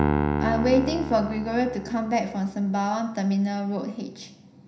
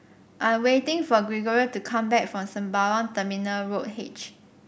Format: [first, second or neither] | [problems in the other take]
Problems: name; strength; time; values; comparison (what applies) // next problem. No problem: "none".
second | background sound (Piano); 5 dB below the speech // room echo; dies away in 0.5 s